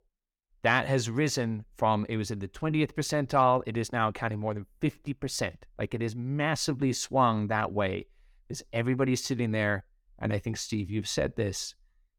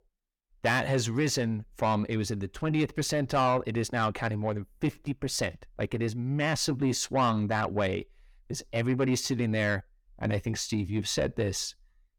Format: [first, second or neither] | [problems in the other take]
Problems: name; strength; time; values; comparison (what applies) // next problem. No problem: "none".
first | distortion; slight; 10 dB below the speech